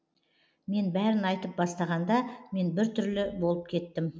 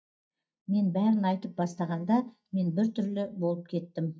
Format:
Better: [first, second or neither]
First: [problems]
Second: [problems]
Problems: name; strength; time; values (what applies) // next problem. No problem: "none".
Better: first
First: none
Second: noise reduction (neural mask model DeepFilterNet 3)